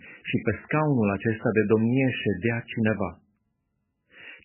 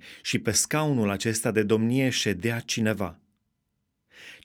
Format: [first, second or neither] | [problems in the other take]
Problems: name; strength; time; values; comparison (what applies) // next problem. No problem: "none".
second | garbled, watery; badly; nothing above 3 kHz